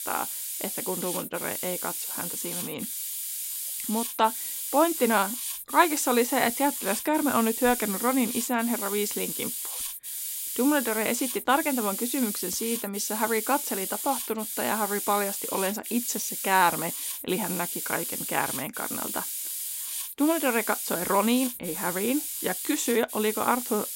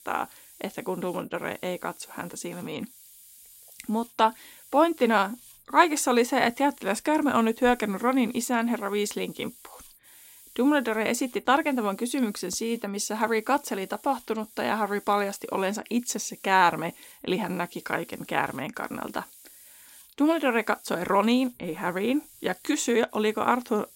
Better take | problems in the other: second | hiss; loud; throughout; 3 dB below the speech; faint in the second

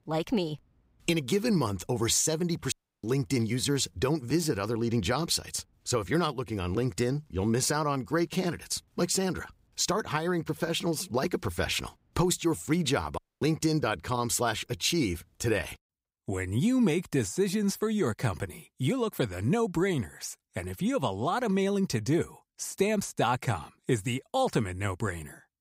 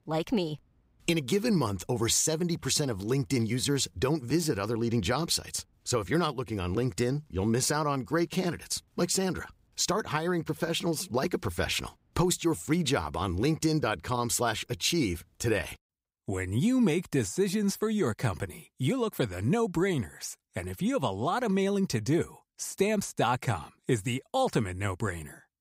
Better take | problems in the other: second | audio cutting out; at 2.5 s and at 13 s

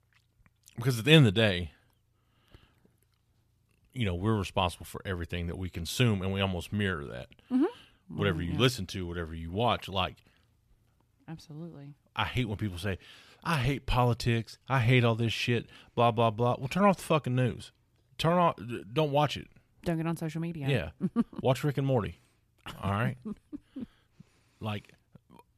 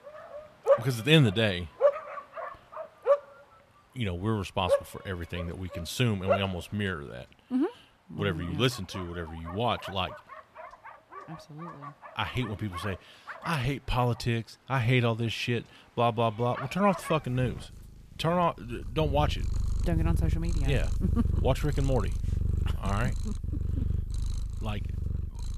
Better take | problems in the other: first | animal sounds; loud; throughout; 3 dB below the speech

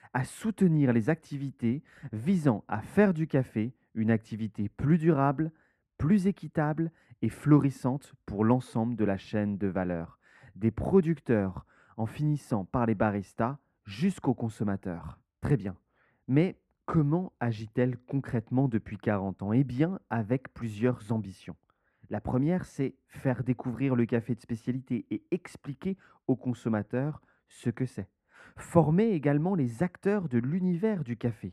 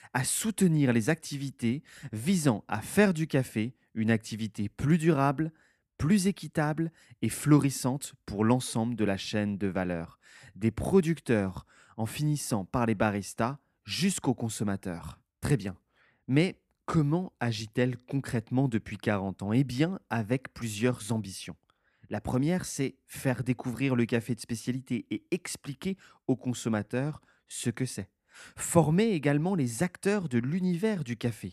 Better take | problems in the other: second | muffled; very; fading above 2.5 kHz

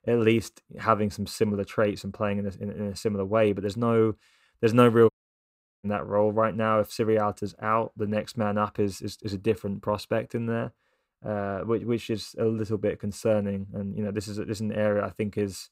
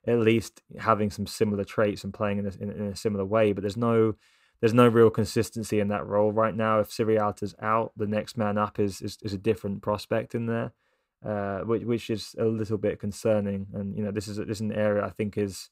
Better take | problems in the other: second | audio cutting out; at 5 s for 0.5 s

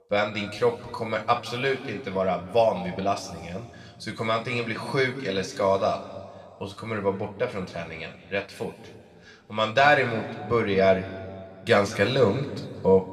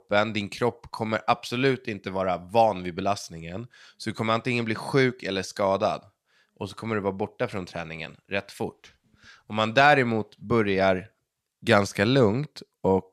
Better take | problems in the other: second | room echo; slight; dies away in 1.7 s // off-mic speech; somewhat distant

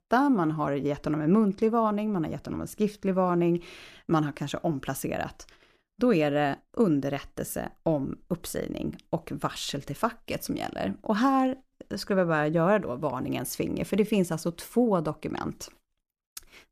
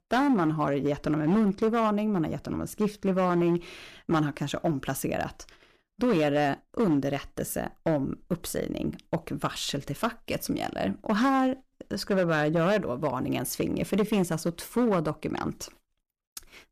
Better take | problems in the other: first | distortion; slight; 6% of the sound clipped

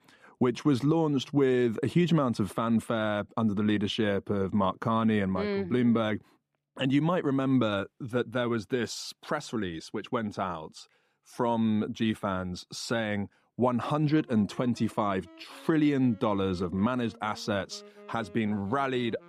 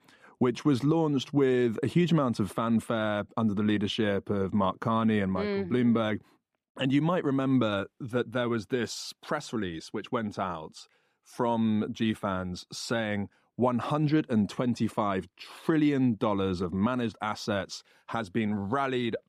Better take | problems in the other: second | background music; faint; throughout; 25 dB below the speech

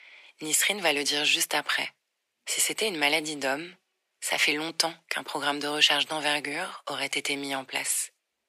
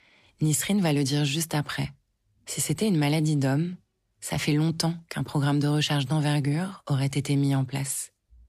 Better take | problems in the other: second | thin; very; fading below 450 Hz

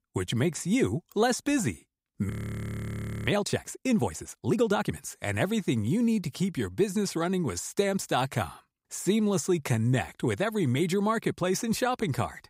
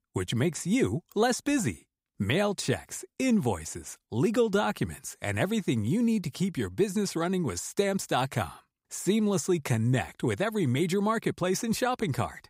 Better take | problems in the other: second | audio freezing; at 2.5 s for 1 s

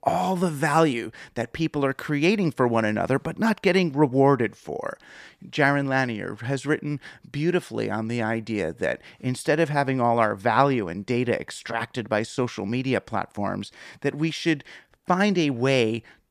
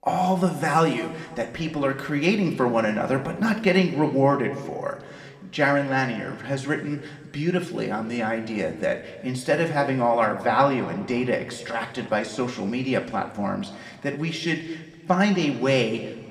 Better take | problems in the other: first | room echo; slight; dies away in 2.1 s

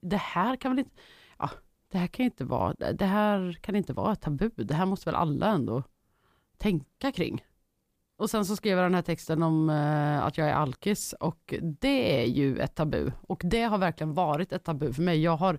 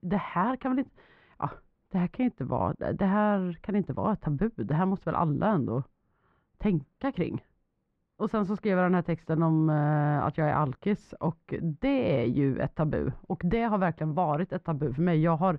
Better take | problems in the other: first | muffled; very; fading above 1.5 kHz

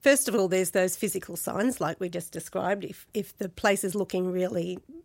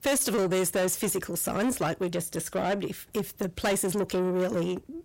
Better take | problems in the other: first | distortion; heavy; 7 dB below the speech

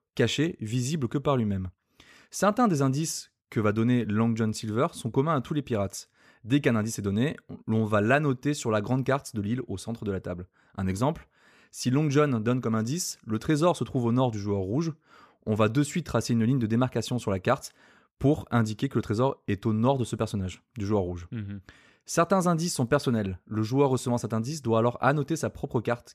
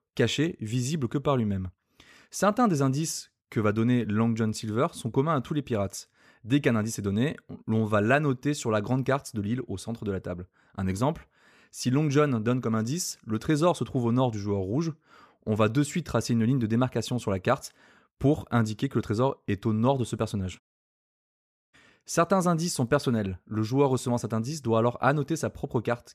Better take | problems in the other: first | audio cutting out; at 21 s for 1 s

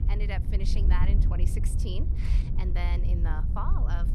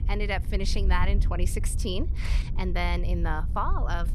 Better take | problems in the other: second | wind noise on the microphone; heavy; 5 dB below the speech; occasional gusts in the second

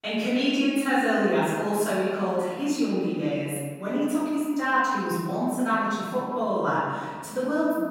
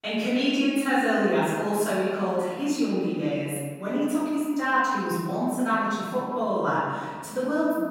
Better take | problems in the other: neither | room echo; strong; dies away in 1.7 s; the same in both // off-mic speech; far; the same in both

